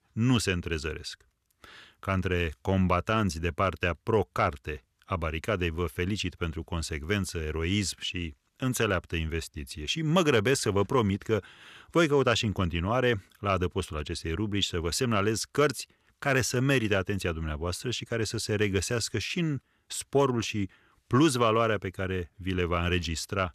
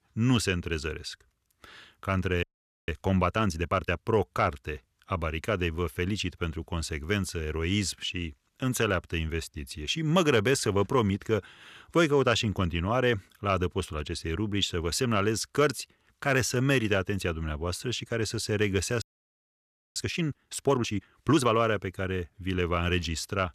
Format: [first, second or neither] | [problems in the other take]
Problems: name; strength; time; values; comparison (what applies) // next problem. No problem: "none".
first | audio freezing; at 2.5 s and at 19 s for 1 s